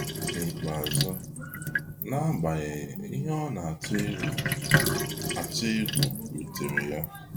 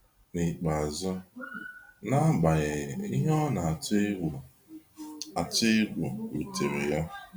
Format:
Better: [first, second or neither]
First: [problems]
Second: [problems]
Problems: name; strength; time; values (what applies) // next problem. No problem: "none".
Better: second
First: background sound (Sink (filling or washing)); 2 dB above the speech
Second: none